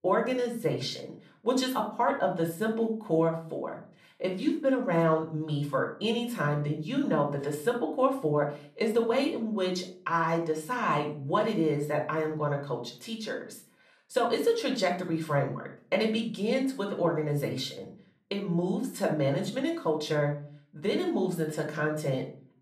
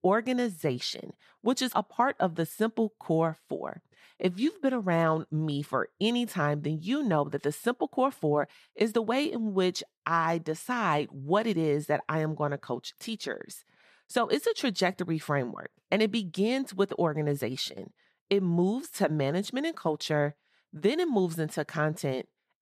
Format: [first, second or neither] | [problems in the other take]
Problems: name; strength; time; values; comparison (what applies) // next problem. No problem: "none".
second | room echo; slight; dies away in 0.4 s // off-mic speech; somewhat distant